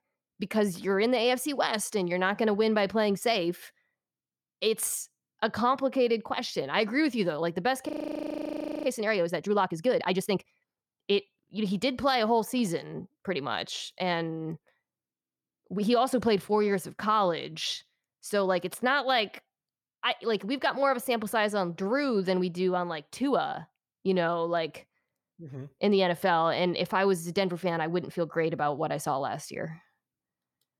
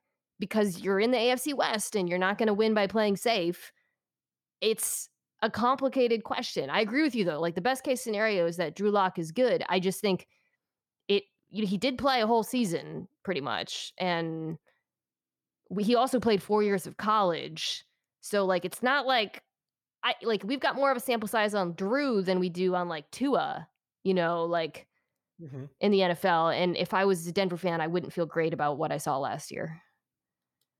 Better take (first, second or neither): second